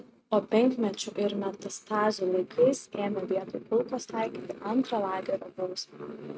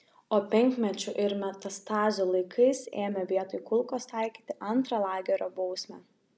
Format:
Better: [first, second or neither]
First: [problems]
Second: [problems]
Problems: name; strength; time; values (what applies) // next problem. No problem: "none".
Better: second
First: noise reduction (neural mask model RNNoise)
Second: none